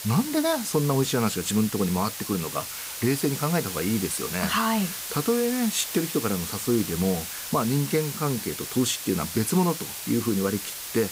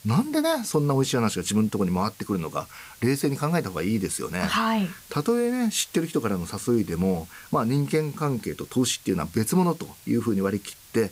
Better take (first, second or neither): second